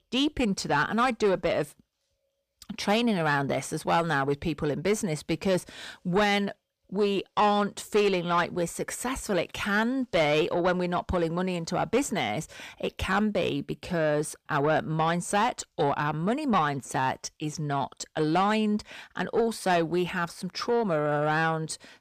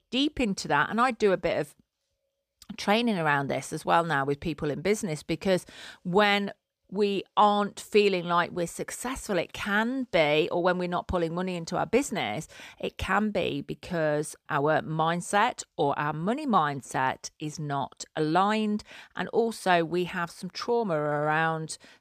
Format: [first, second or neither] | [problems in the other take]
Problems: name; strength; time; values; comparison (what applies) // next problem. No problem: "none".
second | distortion; slight; 10 dB below the speech